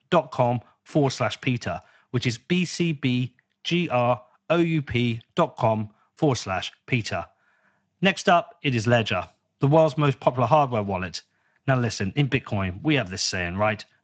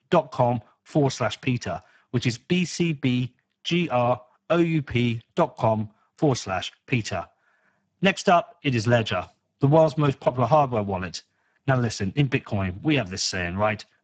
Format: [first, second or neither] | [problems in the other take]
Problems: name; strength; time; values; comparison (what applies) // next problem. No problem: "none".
first | garbled, watery; badly; nothing above 7.5 kHz; slightly in the first